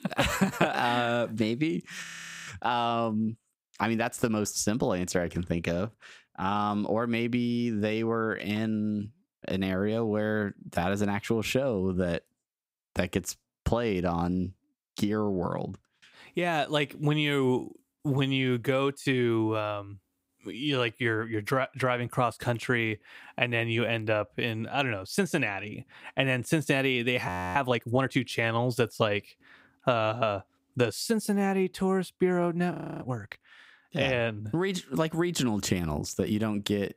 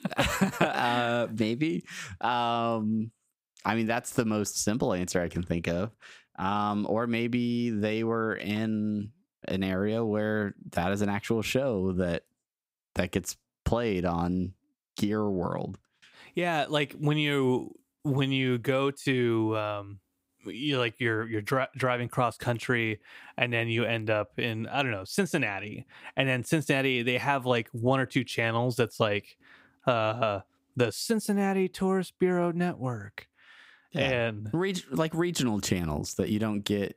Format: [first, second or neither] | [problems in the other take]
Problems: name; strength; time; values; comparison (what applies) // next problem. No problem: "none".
second | audio freezing; at 2 s, at 27 s and at 33 s